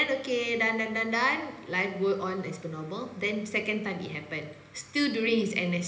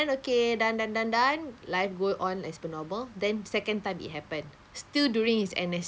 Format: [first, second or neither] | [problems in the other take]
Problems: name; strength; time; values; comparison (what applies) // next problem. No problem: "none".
second | room echo; dies away in 1 s